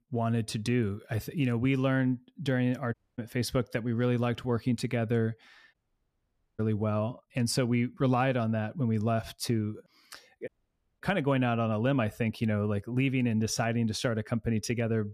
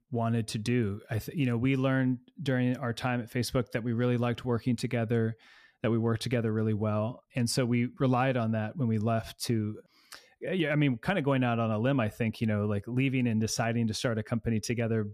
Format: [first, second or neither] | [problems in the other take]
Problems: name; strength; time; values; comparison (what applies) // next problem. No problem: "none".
second | audio cutting out; at 3 s, at 5.5 s for 1 s and at 10 s for 0.5 s